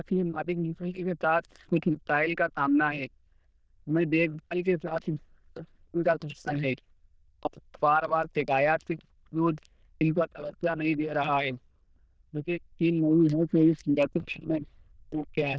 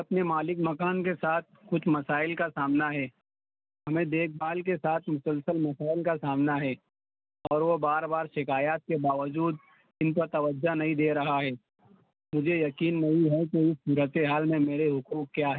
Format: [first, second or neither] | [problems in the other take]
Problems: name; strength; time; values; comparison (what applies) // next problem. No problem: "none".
second | noise reduction (neural diffusion model UNIVERSE++)